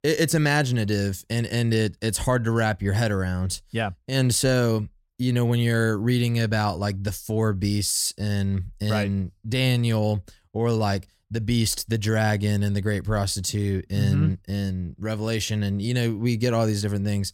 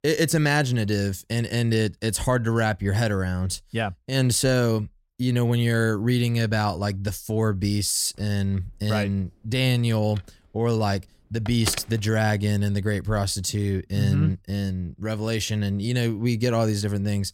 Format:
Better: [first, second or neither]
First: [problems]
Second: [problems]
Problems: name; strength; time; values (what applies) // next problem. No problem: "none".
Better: first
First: none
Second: phone ringing; noticeable; from 10 to 12 s; peak 8 dB below the speech